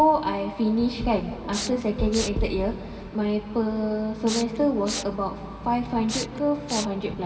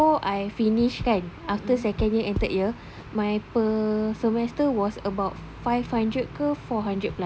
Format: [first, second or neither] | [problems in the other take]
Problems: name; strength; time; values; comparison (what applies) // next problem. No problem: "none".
second | background sound (Respiratory sounds); 9 dB below the speech // room echo; dies away in 2.6 s